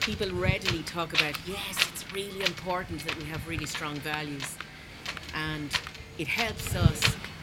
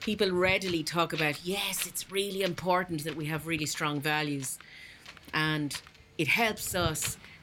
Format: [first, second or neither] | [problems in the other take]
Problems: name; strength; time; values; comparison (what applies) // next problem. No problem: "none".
second | wind noise on the microphone; heavy; 2 dB above the speech; occasional gusts in the second